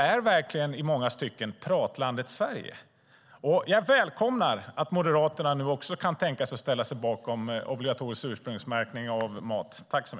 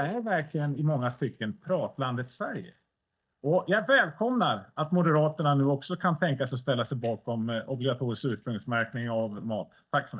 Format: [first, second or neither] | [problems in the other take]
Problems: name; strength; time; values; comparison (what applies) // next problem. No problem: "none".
first | noise reduction (neural mask model DeepFilterNet 3)